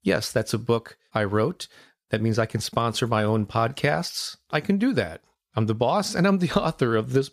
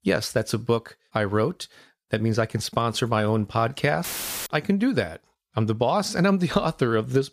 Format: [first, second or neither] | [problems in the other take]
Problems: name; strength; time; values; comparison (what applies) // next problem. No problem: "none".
first | audio cutting out; filled with static; at 4 s